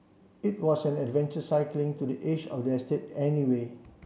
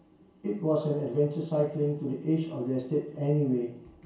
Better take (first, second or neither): first